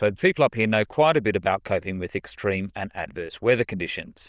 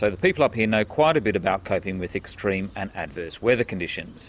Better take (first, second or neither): second